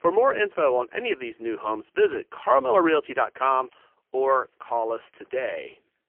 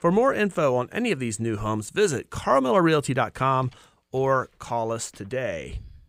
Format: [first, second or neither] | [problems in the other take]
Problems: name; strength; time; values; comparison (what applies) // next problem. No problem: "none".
second | phone-call audio; poor line; nothing above 3 kHz